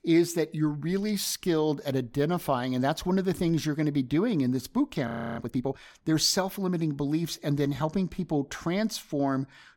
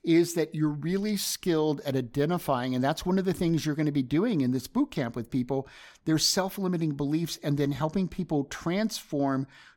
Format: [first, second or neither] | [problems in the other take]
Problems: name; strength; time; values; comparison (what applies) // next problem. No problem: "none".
second | audio freezing; at 5 s